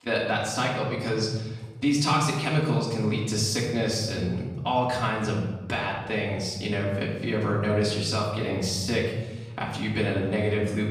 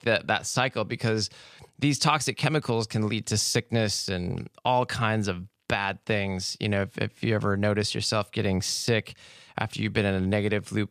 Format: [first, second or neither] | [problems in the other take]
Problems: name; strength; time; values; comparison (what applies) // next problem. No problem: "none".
second | off-mic speech; far // room echo; noticeable; dies away in 1.2 s